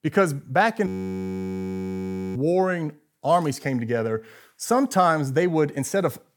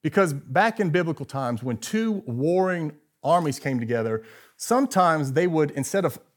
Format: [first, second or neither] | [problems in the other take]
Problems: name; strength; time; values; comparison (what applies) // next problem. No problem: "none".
second | audio freezing; at 1 s for 1.5 s